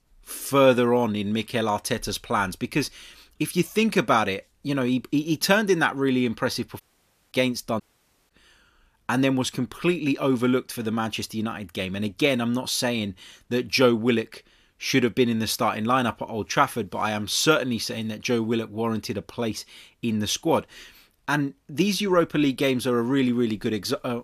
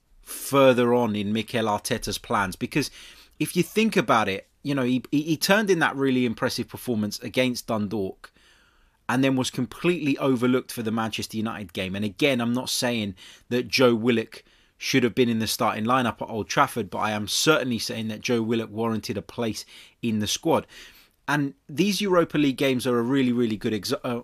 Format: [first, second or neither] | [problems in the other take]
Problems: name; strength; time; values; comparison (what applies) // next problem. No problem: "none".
second | audio cutting out; at 7 s for 0.5 s and at 8 s for 0.5 s